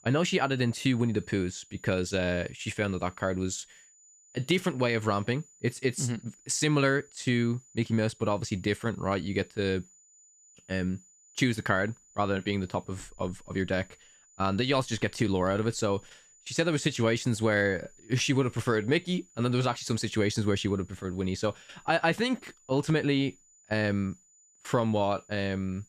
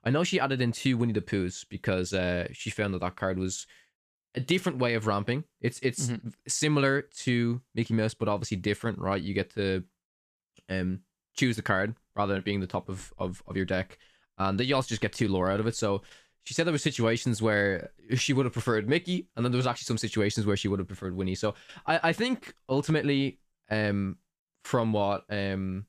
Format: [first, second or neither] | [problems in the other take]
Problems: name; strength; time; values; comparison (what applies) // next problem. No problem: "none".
second | high-pitched whine; faint; throughout; 7 kHz, 25 dB below the speech